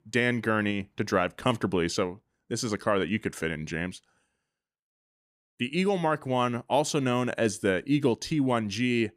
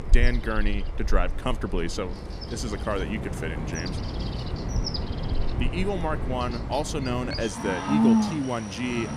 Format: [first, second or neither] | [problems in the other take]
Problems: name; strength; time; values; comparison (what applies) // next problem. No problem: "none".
first | animal sounds; very loud; throughout; 1 dB above the speech